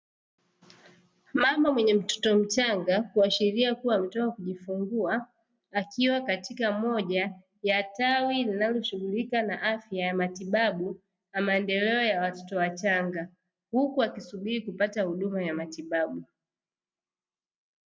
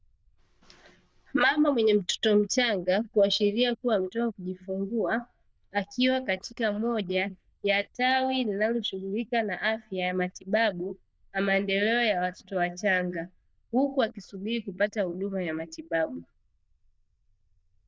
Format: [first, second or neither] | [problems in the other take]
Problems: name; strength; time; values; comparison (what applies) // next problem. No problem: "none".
first | noise reduction (neural diffusion model UNIVERSE++)